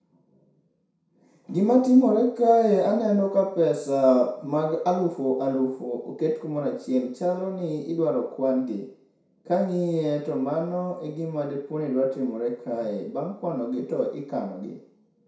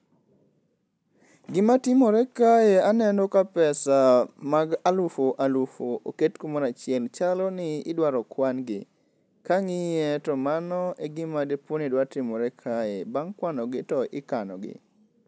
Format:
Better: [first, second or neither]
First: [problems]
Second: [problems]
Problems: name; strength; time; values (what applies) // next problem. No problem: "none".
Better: second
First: room echo; dies away in 0.6 s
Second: none